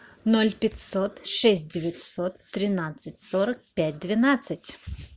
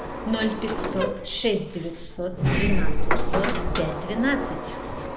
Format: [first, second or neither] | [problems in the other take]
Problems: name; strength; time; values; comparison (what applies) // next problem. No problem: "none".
first | background sound (Sliding door); 5 dB above the speech // room echo; dies away in 0.7 s